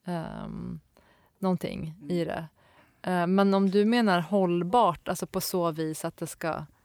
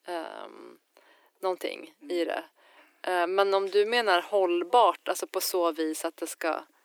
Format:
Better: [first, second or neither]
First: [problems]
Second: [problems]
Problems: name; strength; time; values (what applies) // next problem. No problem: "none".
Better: first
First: none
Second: thin; very; fading below 300 Hz